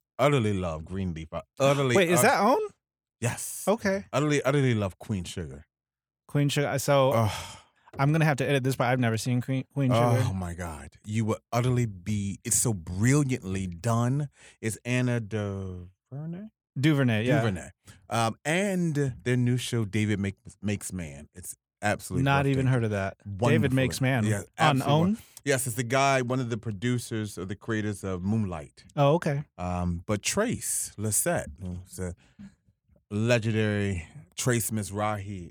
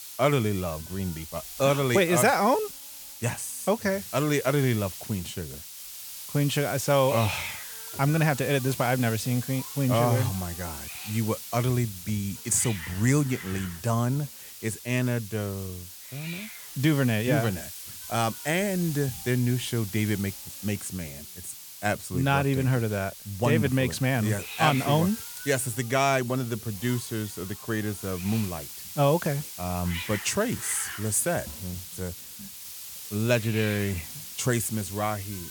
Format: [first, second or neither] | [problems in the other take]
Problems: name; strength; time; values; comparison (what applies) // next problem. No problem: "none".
first | hiss; noticeable; throughout; 10 dB below the speech